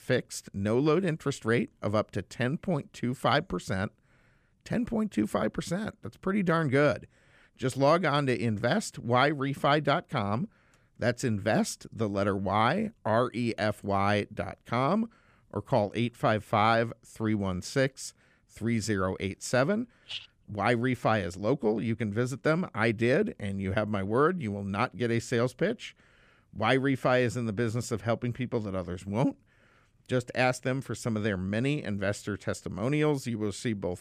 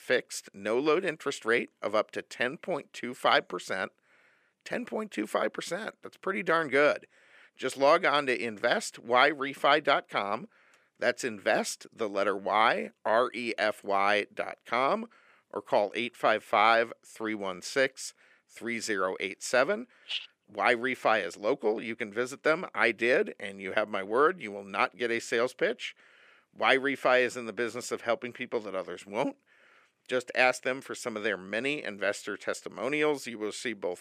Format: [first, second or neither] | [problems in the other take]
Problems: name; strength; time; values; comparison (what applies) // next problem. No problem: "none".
first | thin; somewhat; fading below 400 Hz